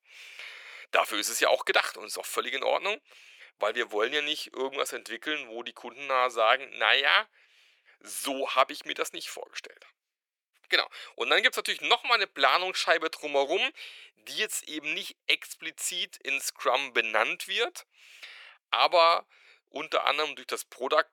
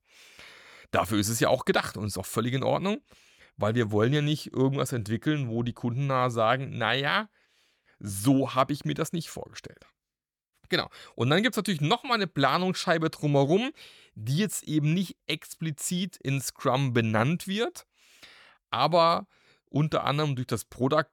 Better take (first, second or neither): second